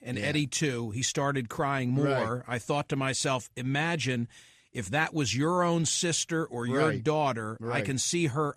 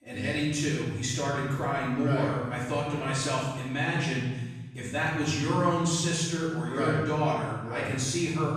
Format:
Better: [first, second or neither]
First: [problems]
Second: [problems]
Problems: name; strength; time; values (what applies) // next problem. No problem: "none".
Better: first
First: none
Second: off-mic speech; far // room echo; strong; dies away in 1.2 s